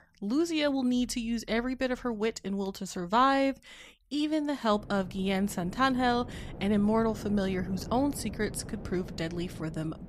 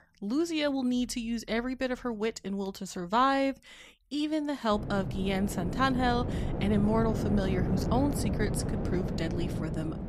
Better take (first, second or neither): first